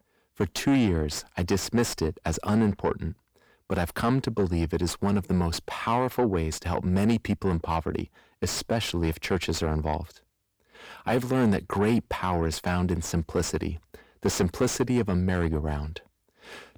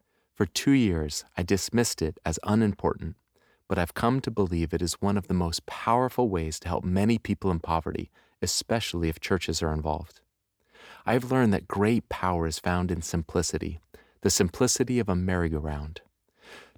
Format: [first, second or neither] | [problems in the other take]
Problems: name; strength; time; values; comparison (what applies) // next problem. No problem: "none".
second | distortion; slight; 10 dB below the speech